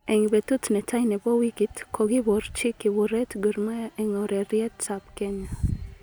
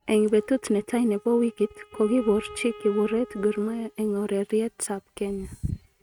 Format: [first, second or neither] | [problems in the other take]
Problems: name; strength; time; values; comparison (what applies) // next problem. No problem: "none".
first | noise reduction (neural mask model RNNoise)